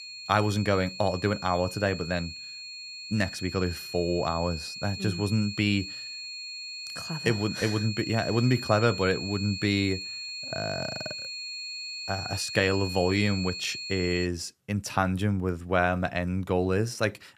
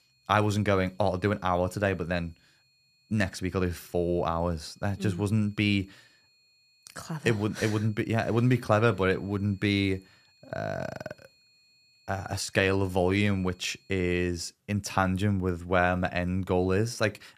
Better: second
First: high-pitched whine; loud; until 14 s; 4.5 kHz, 8 dB below the speech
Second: high-pitched whine; faint; until 14 s; 4.5 kHz, 35 dB below the speech

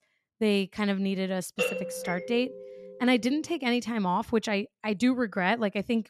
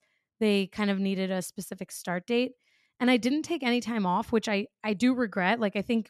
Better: second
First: doorbell; noticeable; from 1.5 to 2.5 s; peak 2 dB below the speech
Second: none

